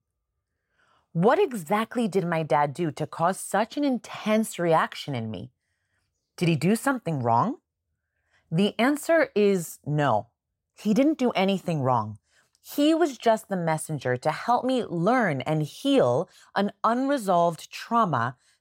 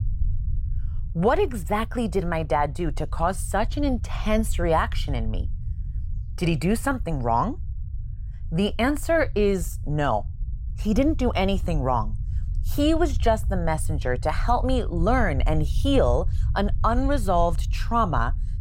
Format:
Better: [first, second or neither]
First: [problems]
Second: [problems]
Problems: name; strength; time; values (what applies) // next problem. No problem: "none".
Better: first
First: none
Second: low rumble; faint; throughout; 25 dB below the speech